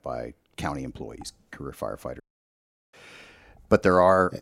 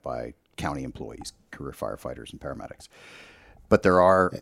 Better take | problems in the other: second | audio cutting out; at 2 s for 0.5 s

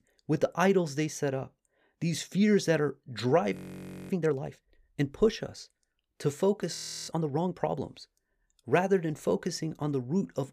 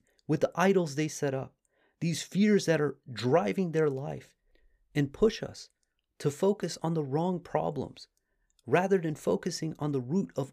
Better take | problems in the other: second | audio freezing; at 3.5 s for 0.5 s and at 7 s

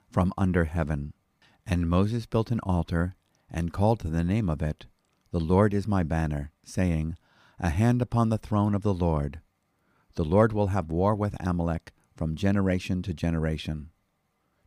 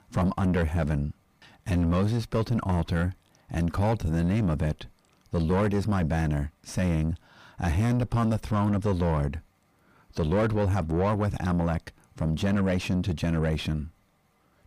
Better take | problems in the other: first | distortion; heavy; 5 dB below the speech

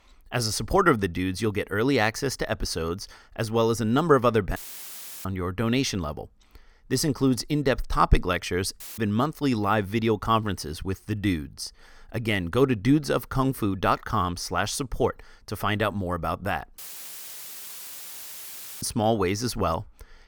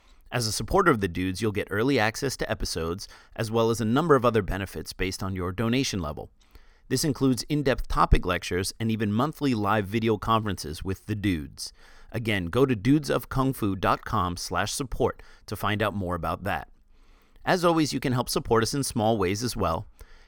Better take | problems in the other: second | audio cutting out; filled with static; at 4.5 s for 0.5 s, at 9 s and at 17 s for 2 s

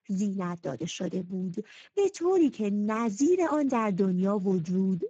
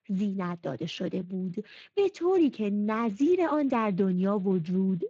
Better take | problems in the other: second | garbled, watery; badly; nothing above 7.5 kHz; slightly in the second

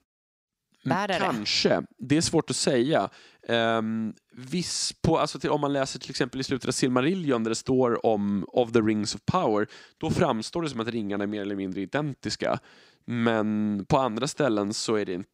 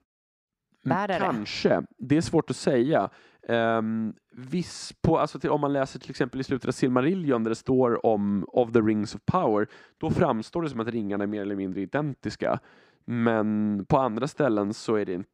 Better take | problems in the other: first | muffled; slightly; fading above 2.5 kHz

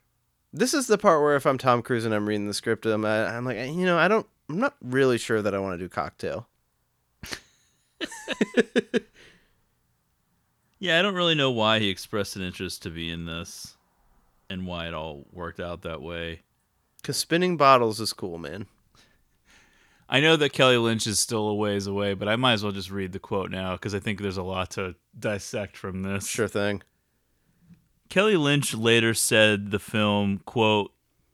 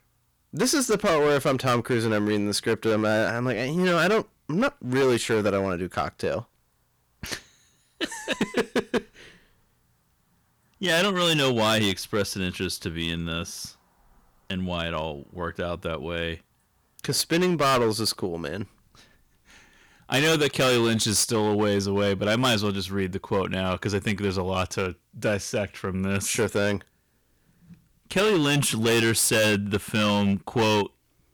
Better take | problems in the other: first | distortion; heavy; 9% of the sound clipped

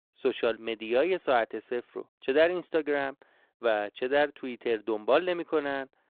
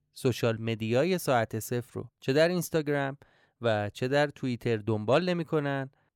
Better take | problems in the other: second | phone-call audio

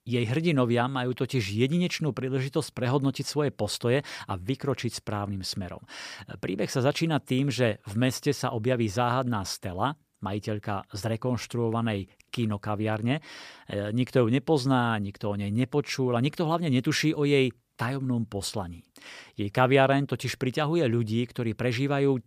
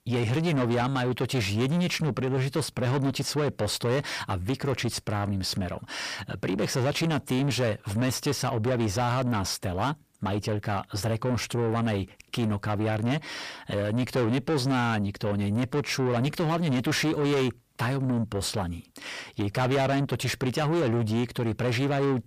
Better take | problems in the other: first | distortion; heavy; 7 dB below the speech

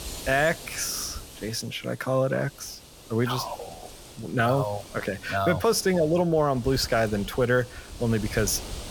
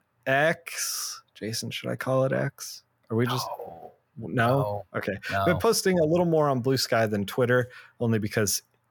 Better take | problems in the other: second | wind noise on the microphone; occasional gusts; 15 dB below the speech

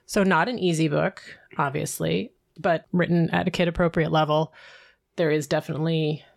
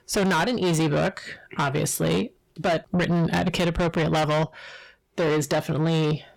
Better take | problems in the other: first | distortion; heavy; 7 dB below the speech

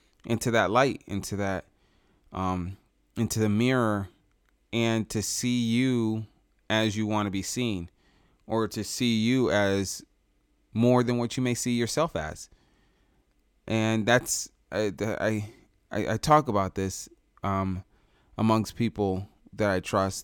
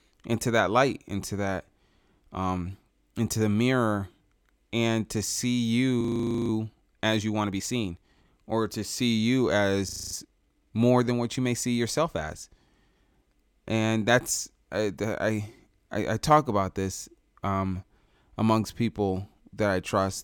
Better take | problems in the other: first | audio freezing; at 6 s and at 10 s

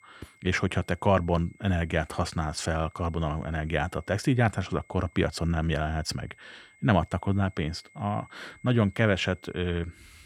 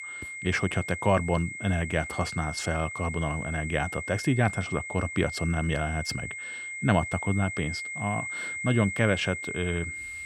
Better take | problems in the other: first | high-pitched whine; loud; throughout; 2 kHz, 6 dB below the speech; faint in the first

